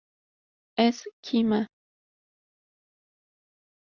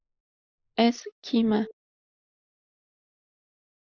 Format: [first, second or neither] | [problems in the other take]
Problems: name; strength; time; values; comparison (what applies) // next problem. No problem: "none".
first | noise reduction (neural mask model Resemble Enhance denoiser)